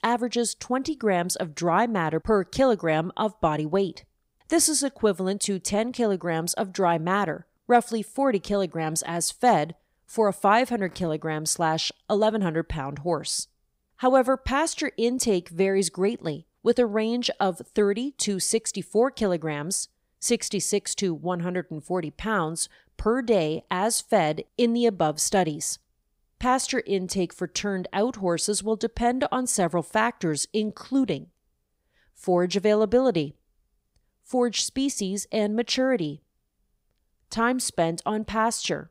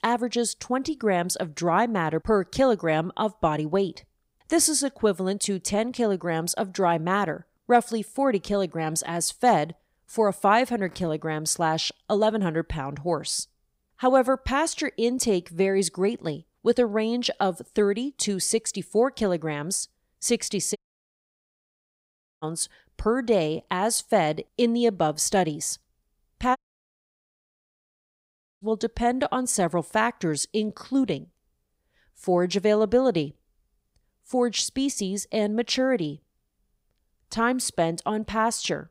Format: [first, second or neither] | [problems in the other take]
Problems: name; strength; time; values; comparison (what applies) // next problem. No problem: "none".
first | audio cutting out; at 21 s for 1.5 s and at 27 s for 2 s